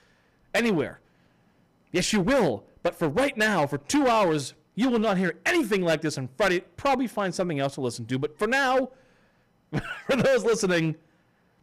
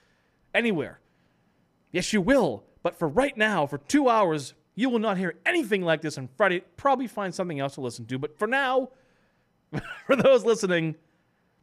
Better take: second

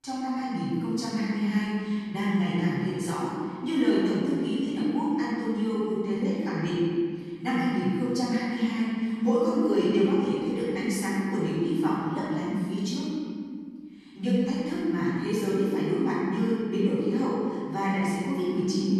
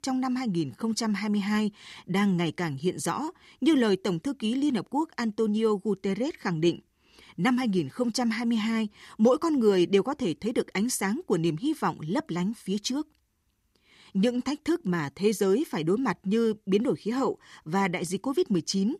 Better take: second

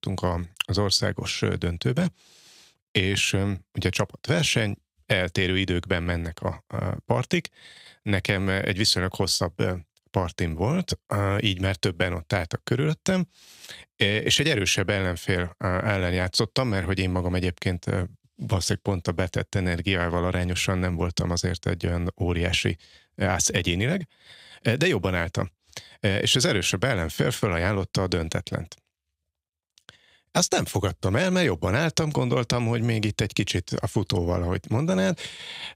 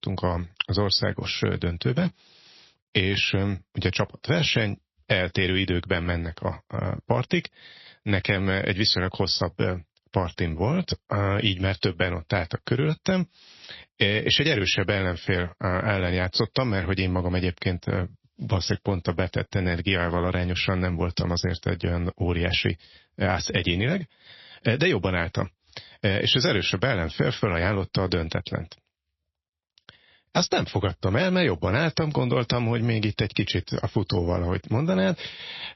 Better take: first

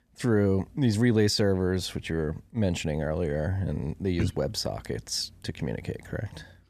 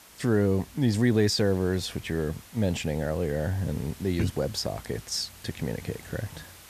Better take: first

